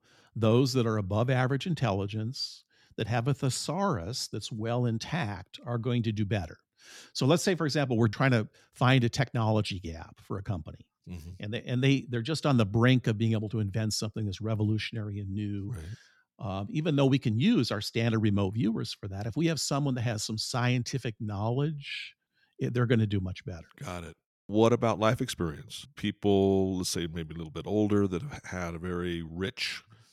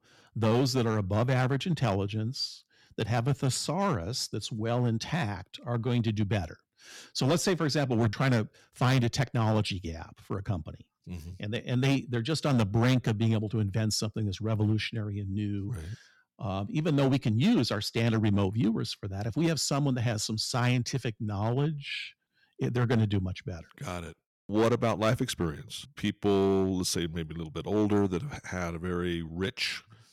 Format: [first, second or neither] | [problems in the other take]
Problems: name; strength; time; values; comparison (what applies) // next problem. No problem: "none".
first | distortion; slight; 4% of the sound clipped